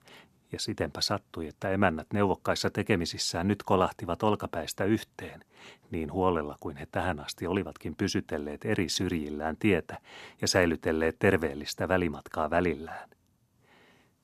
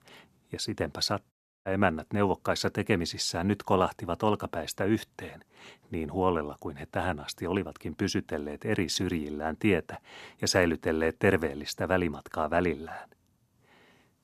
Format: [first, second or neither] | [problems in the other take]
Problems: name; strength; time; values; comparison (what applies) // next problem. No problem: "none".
first | audio cutting out; at 1.5 s